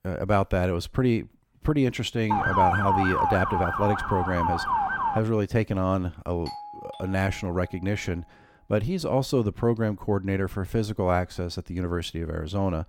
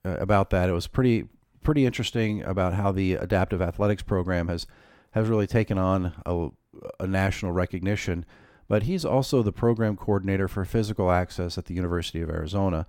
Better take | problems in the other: second | siren; loud; from 2.5 to 5 s; peak 5 dB above the speech // doorbell; faint; from 6.5 to 8 s; peak 10 dB below the speech

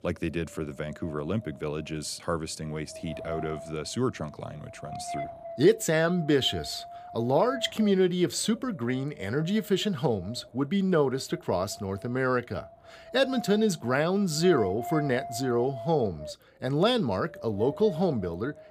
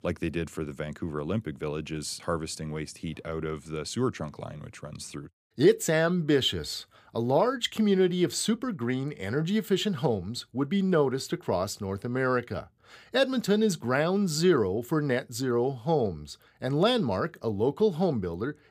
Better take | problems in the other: second | wind noise on the microphone; occasional gusts; 10 dB below the speech

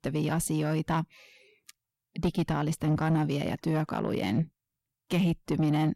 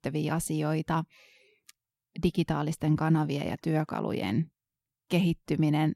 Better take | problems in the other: second | distortion; slight; 10 dB below the speech

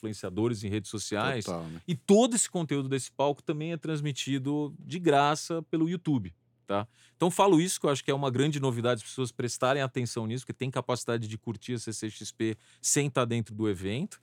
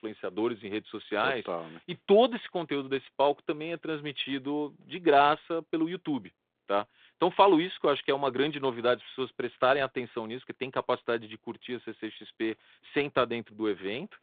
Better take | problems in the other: first | phone-call audio; nothing above 3.5 kHz

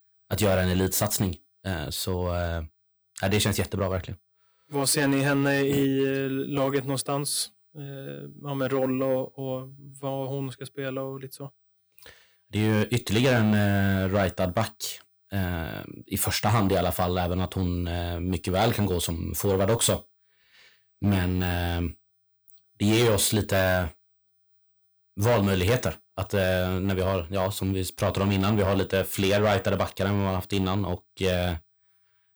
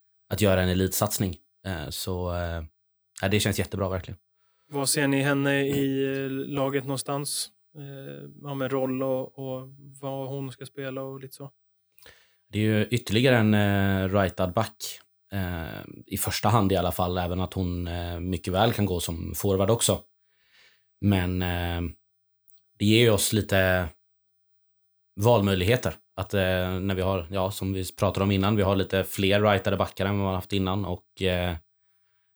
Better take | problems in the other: second | distortion; slight; 5% of the sound clipped

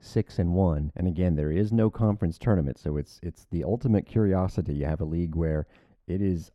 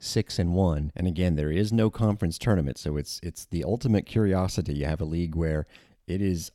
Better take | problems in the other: second | muffled; very; fading above 2 kHz

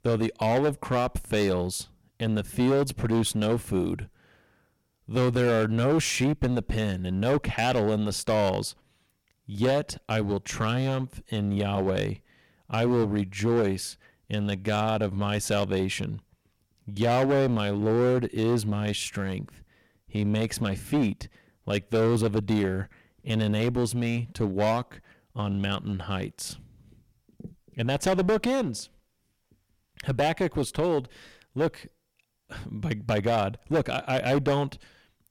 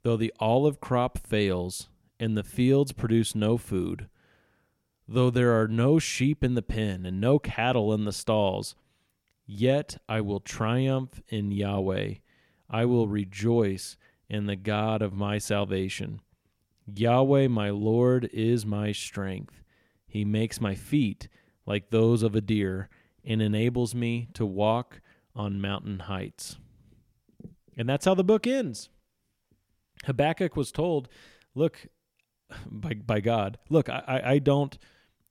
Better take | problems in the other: second | distortion; heavy; 11% of the sound clipped

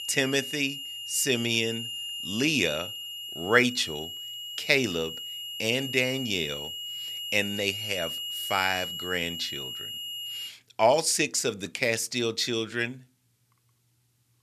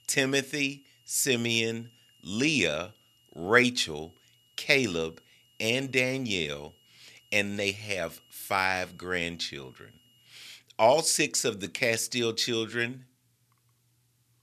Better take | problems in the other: second | high-pitched whine; loud; until 10 s; 3 kHz, 7 dB below the speech; faint in the second

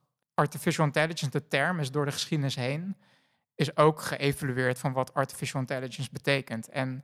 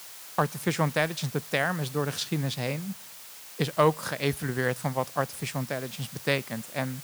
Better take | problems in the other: first | hiss; noticeable; throughout; 15 dB below the speech

